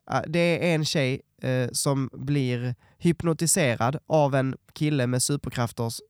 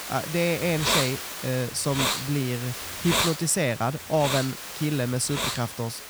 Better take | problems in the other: first | hiss; loud; throughout; 2 dB below the speech

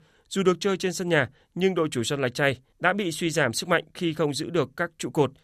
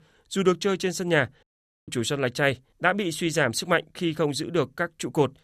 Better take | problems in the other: first | audio cutting out; at 1.5 s

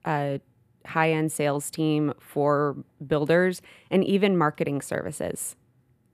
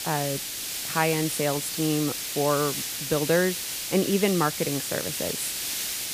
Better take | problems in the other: first | hiss; loud; throughout; 2 dB below the speech

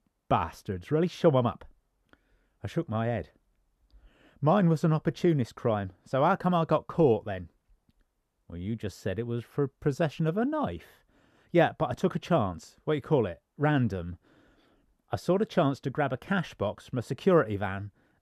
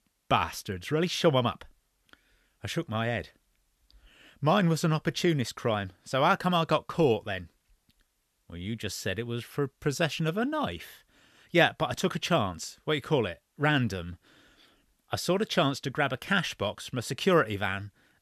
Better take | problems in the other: second | muffled; slightly; fading above 1.5 kHz

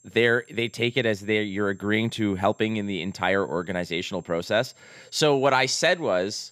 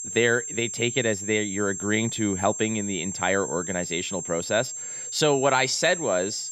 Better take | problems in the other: first | high-pitched whine; loud; throughout; 7.5 kHz, 6 dB below the speech; faint in the first

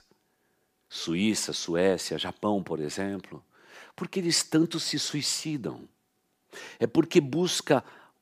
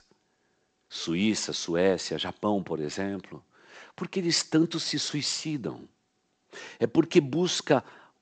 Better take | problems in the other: first | garbled, watery; slightly; nothing above 8 kHz

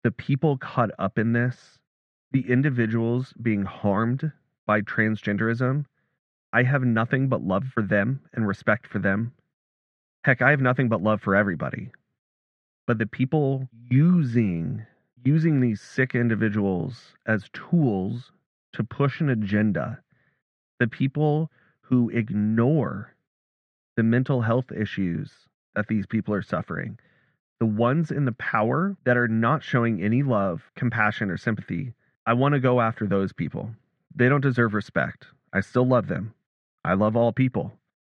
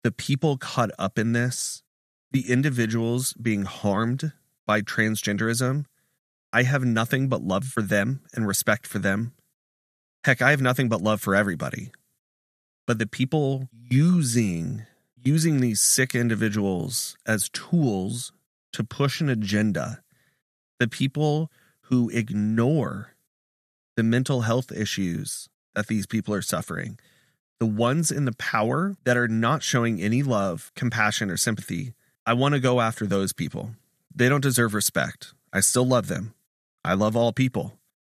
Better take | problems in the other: second | muffled; very; fading above 2 kHz

